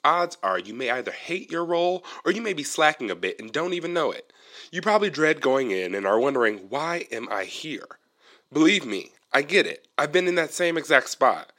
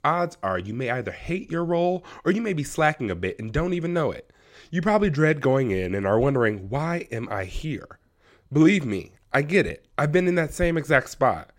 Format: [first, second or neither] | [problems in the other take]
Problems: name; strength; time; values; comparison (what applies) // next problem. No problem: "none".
second | thin; somewhat; fading below 250 Hz